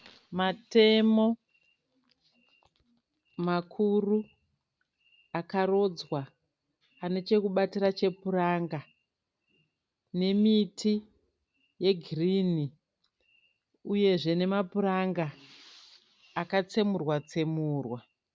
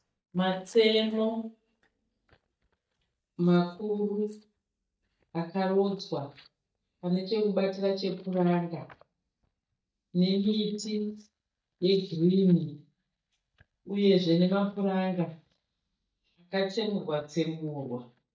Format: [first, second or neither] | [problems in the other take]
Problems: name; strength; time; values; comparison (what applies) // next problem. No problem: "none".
first | noise reduction (neural mask model DeepFilterNet 3)